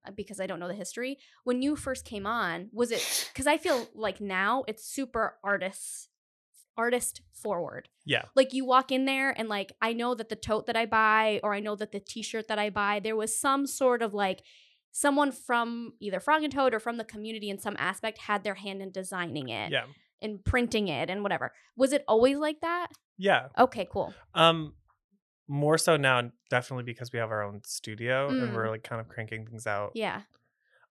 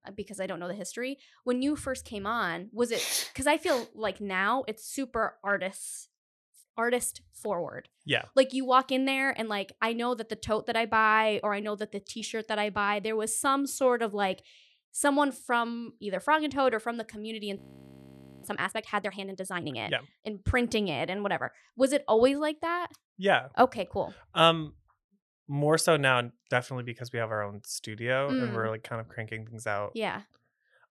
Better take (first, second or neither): first